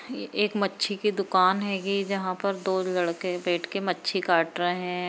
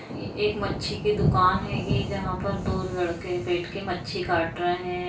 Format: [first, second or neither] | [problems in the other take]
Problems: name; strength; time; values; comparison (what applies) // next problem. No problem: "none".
first | background sound (Thunder); 3 dB below the speech // room echo; dies away in 0.3 s